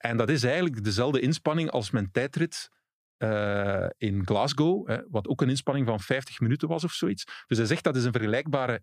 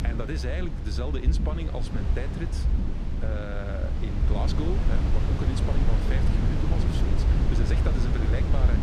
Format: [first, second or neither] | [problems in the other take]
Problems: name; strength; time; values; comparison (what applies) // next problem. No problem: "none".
first | low rumble; loud; throughout; as loud as the speech